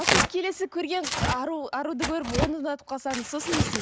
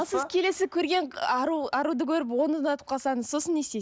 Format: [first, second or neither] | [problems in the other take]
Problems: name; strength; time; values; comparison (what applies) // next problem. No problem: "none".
second | background sound (Tearing); as loud as the speech